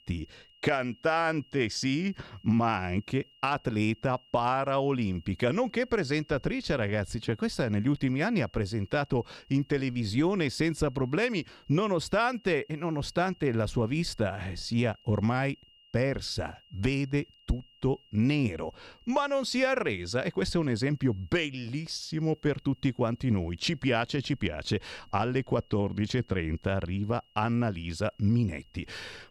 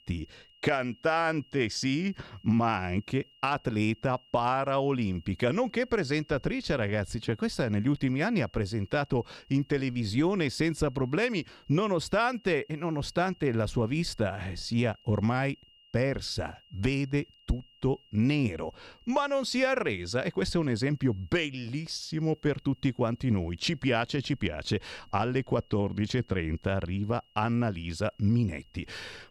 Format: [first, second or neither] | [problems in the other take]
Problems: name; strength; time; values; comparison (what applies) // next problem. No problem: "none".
neither | high-pitched whine; faint; throughout; 3 kHz, 30 dB below the speech; the same in both